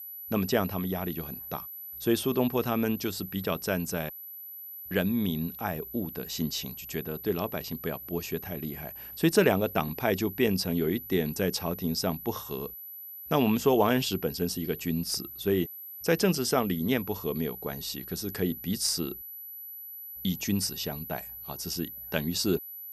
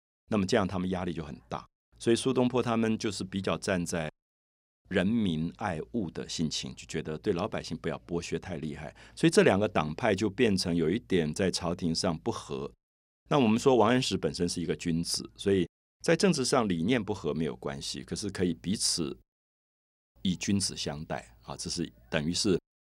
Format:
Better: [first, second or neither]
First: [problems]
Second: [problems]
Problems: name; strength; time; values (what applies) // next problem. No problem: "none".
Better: second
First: high-pitched whine; loud; throughout; 12 kHz, 10 dB below the speech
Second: none